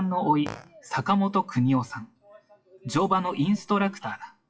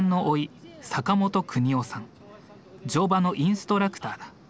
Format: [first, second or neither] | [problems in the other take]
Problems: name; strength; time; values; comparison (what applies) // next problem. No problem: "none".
second | noise reduction (classical method WPE with log-MMSE)